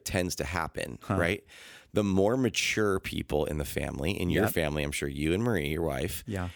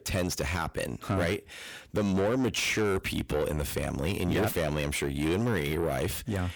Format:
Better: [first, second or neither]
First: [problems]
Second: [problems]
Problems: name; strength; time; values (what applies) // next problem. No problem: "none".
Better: first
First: none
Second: distortion; heavy; 7 dB below the speech